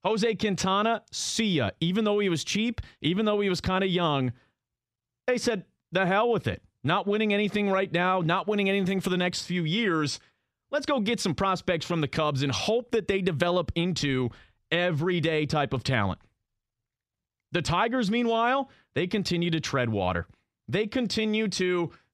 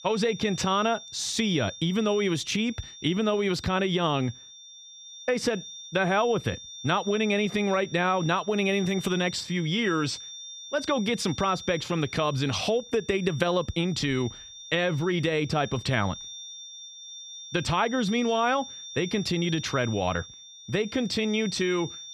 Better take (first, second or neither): first